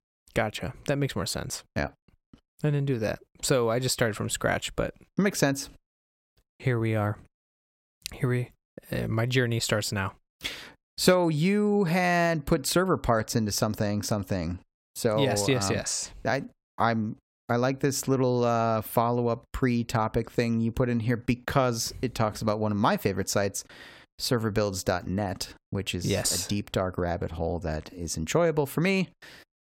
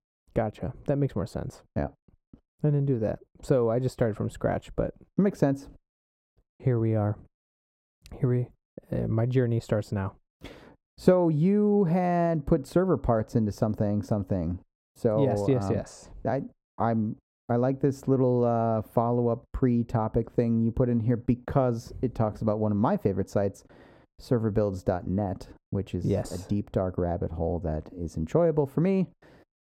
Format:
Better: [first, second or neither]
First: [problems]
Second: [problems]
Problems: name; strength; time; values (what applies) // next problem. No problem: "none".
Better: first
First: none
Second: muffled; very; fading above 1.5 kHz